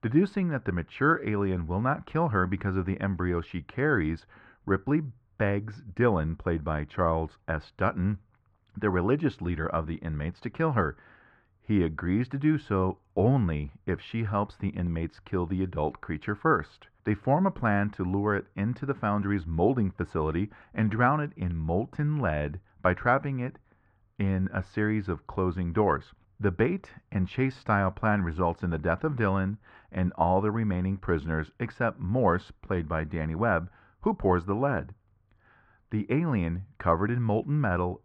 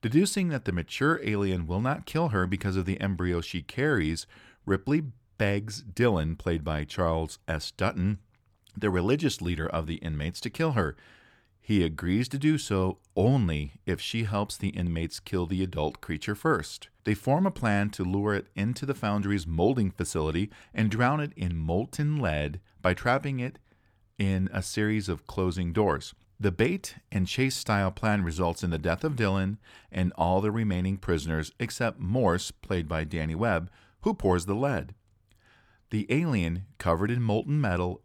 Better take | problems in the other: second | muffled; very; fading above 1.5 kHz

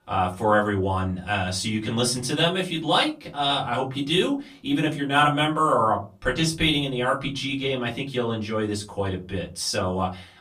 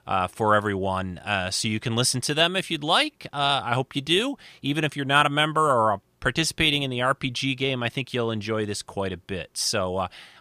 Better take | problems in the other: second | off-mic speech; far // room echo; very slight; dies away in 0.3 s

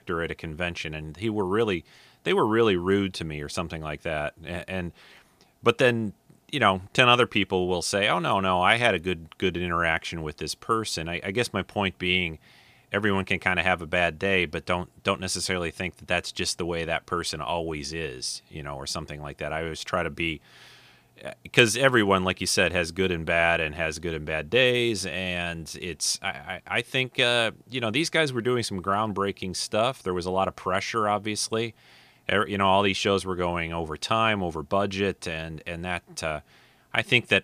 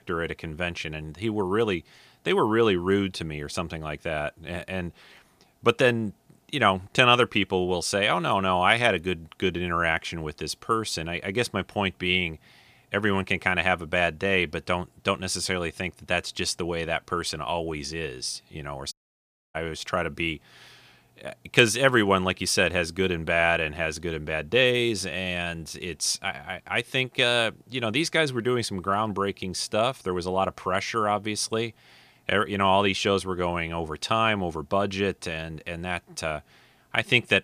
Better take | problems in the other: first | audio cutting out; at 19 s for 0.5 s

